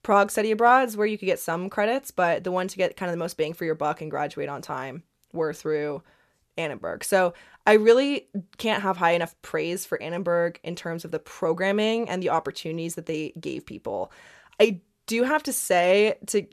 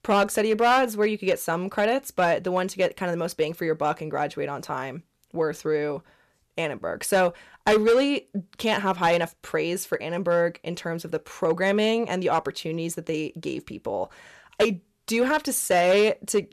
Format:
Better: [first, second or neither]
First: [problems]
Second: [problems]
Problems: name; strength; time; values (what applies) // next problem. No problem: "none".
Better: first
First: none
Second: distortion; slight; 3% of the sound clipped